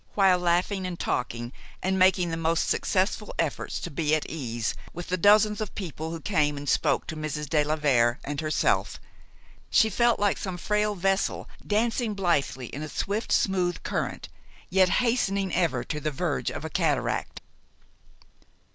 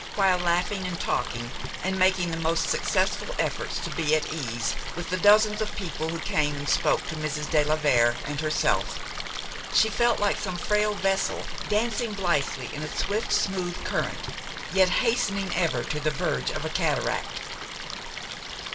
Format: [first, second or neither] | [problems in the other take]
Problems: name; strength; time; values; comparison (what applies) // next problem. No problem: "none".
first | background sound (Stream); 9 dB below the speech // room echo; dies away in 2.8 s